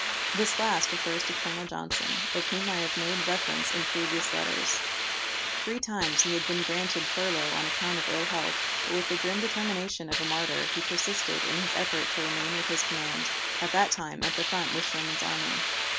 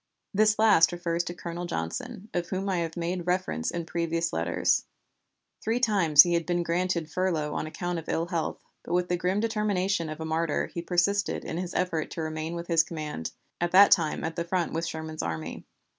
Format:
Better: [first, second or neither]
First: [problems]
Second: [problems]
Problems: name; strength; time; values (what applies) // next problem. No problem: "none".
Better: second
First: background sound (Hiss); 3 dB above the speech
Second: none